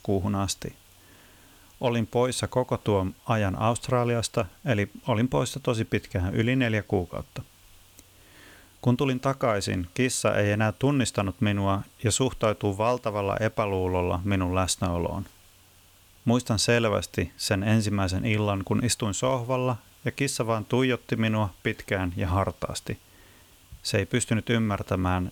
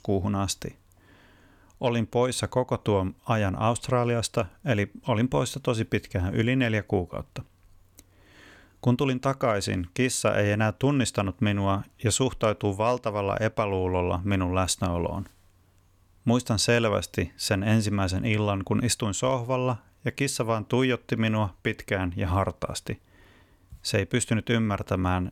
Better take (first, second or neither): second